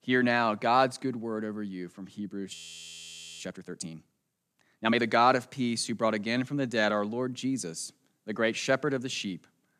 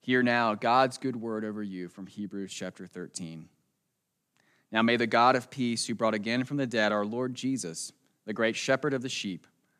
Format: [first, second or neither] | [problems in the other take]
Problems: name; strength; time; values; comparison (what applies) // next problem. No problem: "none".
second | audio freezing; at 2.5 s for 1 s